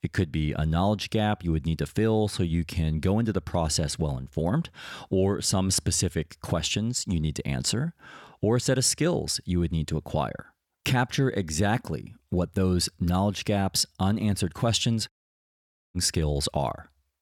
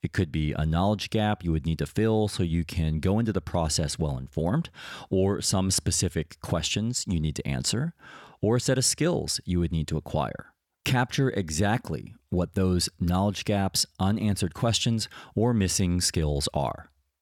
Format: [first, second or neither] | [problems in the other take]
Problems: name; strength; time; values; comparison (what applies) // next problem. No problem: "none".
second | audio cutting out; at 15 s for 1 s